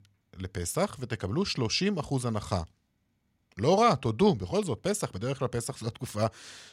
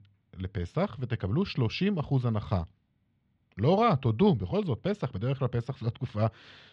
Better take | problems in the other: first | muffled; slightly; fading above 3.5 kHz

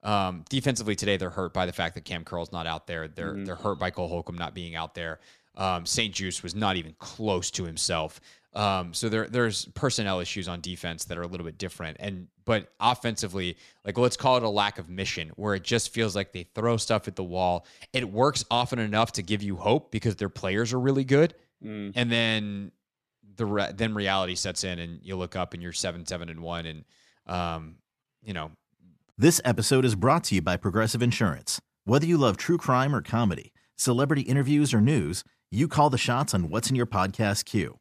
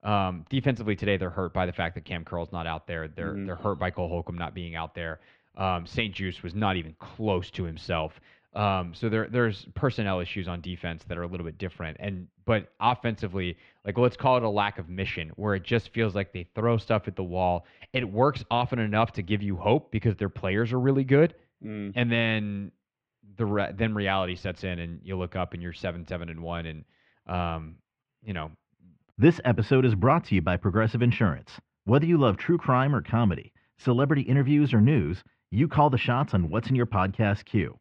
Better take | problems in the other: first | muffled; very; fading above 3 kHz

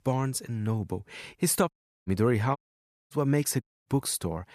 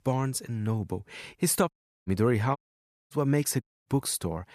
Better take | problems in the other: neither | audio cutting out; at 1.5 s, at 2.5 s for 0.5 s and at 3.5 s; the same in both

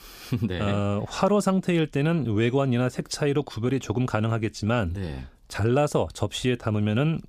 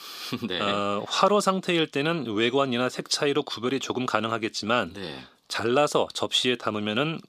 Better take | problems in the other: first | thin; somewhat; fading below 250 Hz

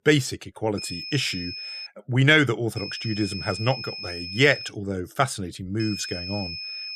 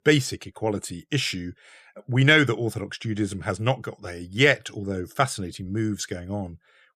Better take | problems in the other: second | high-pitched whine; loud; from 1 to 2 s, from 3 to 4.5 s and from 6 s on; 5 kHz, 8 dB below the speech

